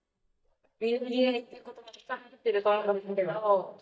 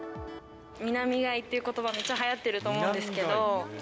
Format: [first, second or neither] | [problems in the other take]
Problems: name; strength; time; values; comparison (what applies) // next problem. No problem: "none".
second | noise reduction (neural mask model DeepFilterNet 3)